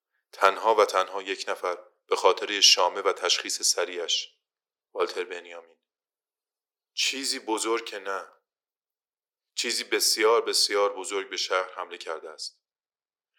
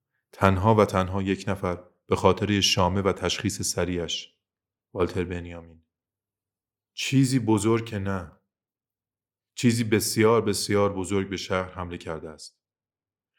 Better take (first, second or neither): second